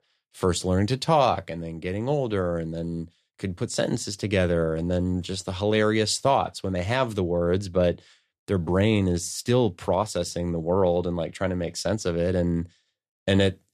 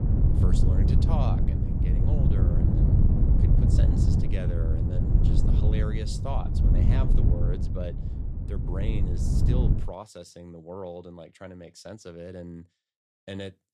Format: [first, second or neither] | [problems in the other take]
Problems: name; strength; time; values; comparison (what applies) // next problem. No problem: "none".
first | wind noise on the microphone; heavy; until 10 s; 3 dB above the speech